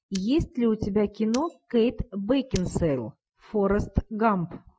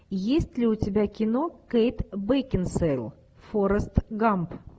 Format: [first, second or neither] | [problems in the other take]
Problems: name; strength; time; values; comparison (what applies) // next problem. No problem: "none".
second | noise reduction (classical method Wiener filter)